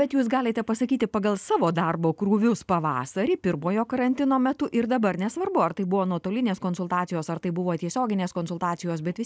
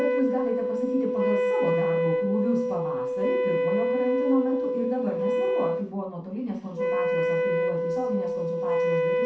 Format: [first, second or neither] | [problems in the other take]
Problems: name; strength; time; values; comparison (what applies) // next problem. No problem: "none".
first | background sound (Wind instrument, woodwind instrument); 4 dB above the speech // room echo; dies away in 0.6 s